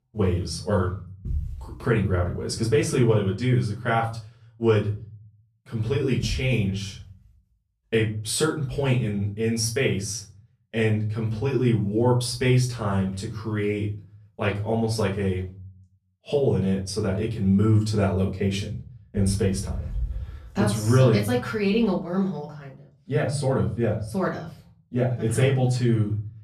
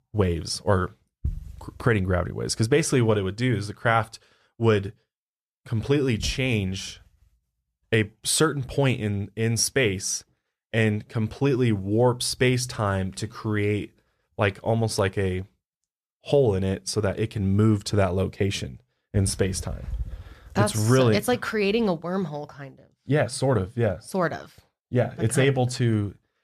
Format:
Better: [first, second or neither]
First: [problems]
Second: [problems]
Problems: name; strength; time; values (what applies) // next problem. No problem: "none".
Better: second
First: off-mic speech; far // room echo; slight; dies away in 0.4 s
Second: none